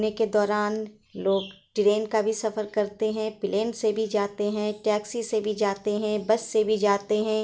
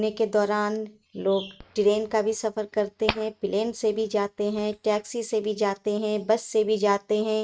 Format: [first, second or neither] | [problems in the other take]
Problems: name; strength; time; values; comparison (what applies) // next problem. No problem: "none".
first | noise reduction (neural mask model RNNoise)